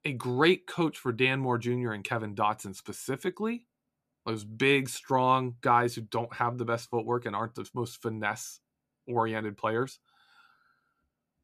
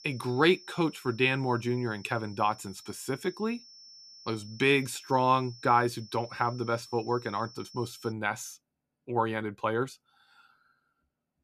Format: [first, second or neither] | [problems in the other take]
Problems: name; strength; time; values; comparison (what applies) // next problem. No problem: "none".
first | high-pitched whine; noticeable; until 8 s; 5.5 kHz, 20 dB below the speech